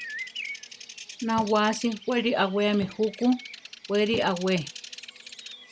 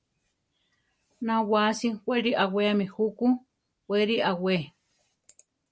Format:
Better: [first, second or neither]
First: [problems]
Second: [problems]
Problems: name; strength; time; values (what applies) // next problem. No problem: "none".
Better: second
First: background sound (Bird vocalization, bird call, bird song + Cupboard open or close / Drawer open or close); 13 dB below the speech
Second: none